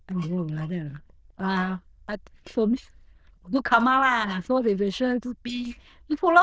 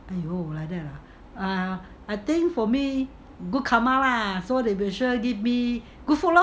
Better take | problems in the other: second | noise reduction (neural diffusion model UNIVERSE++)

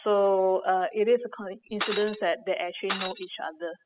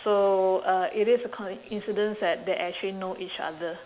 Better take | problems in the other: second | noise reduction (classical method spectral subtraction)

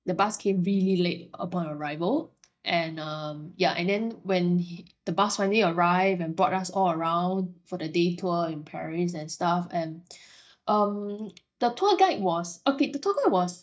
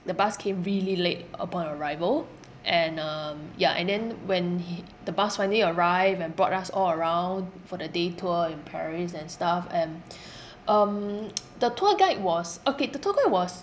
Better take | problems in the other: second | noise reduction (neural mask model DeepFilterNet 3)

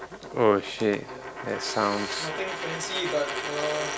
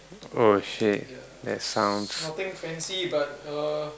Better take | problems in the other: second | background sound (Coin (dropping)); 7 dB below the speech

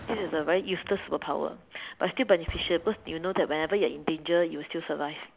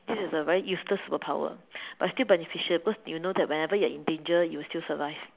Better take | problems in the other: second | background sound (Fireworks); 19 dB below the speech

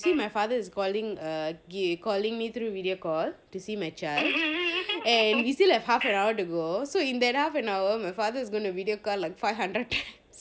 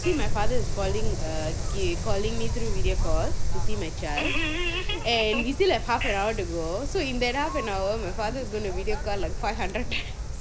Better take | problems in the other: first | background sound (Wind); 2 dB above the speech

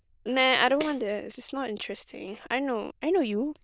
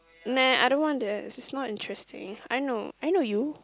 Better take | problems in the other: second | noise reduction (neural diffusion model UNIVERSE++)

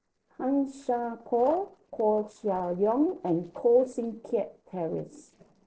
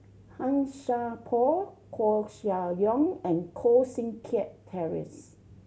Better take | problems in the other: second | noise reduction (neural separator model SepFormer DNS4)

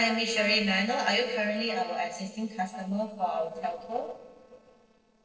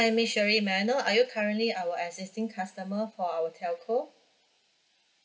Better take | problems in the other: second | noise reduction (neural separator model SepFormer DNS4)

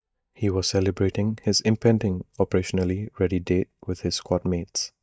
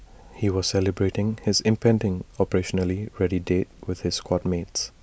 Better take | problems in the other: second | noise reduction (neural mask model DeepFilterNet 3)

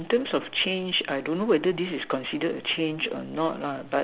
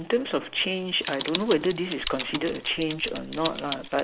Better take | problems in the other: first | noise reduction (neural mask model Resemble Enhance denoiser)

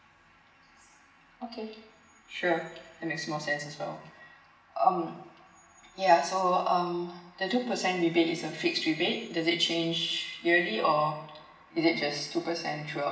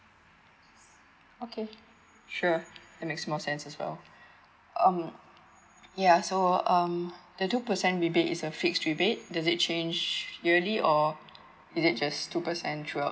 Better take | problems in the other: second | room echo; dies away in 0.7 s

